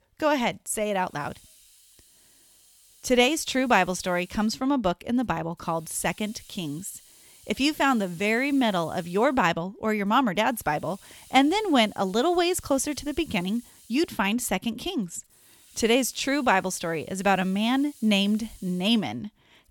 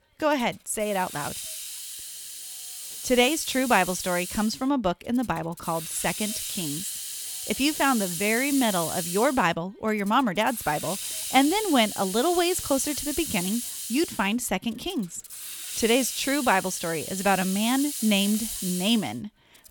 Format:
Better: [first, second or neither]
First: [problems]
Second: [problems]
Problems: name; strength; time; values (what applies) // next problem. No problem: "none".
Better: first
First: hiss; faint; throughout; 25 dB below the speech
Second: hiss; loud; throughout; 6 dB below the speech